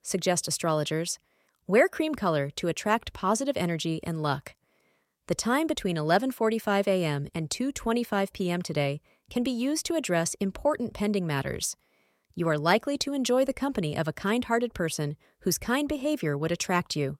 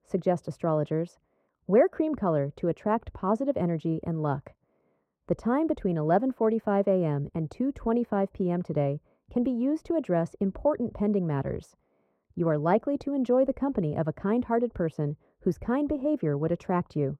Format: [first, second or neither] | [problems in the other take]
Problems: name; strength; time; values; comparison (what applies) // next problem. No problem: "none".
first | muffled; very; fading above 2 kHz